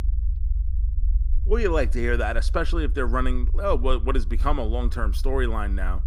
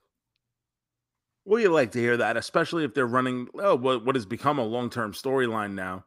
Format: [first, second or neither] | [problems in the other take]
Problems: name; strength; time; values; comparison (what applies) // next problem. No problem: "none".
second | low rumble; faint; throughout; 20 dB below the speech